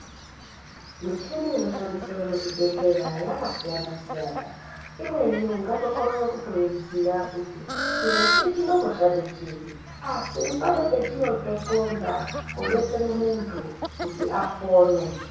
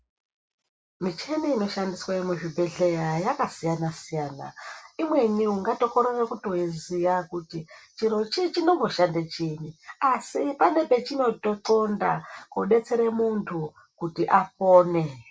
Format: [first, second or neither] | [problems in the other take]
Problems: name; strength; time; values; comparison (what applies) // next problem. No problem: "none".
second | background sound (Fowl); 7 dB below the speech // room echo; dies away in 0.7 s